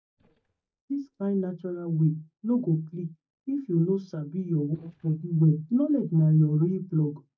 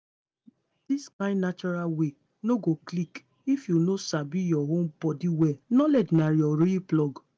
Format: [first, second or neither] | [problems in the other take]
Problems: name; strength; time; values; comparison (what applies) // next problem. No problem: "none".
second | noise reduction (neural mask model DeepFilterNet 3)